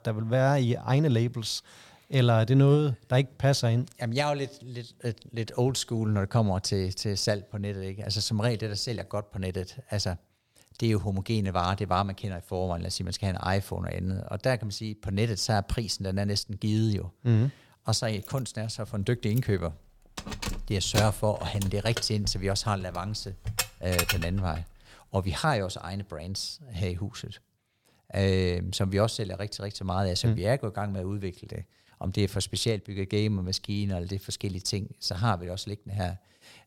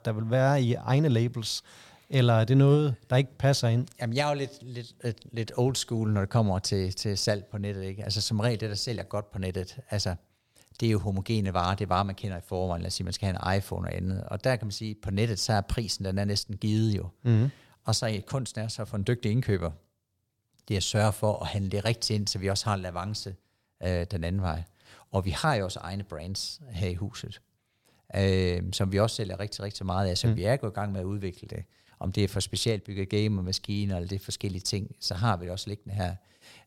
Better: second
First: jangling keys; loud; from 18 to 24 s; peak 1 dB above the speech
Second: none

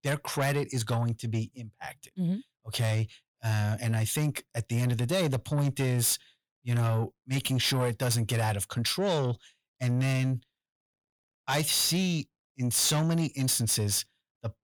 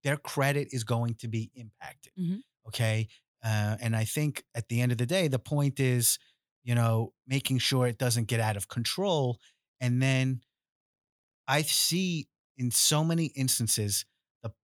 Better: second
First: distortion; slight; 10 dB below the speech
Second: none

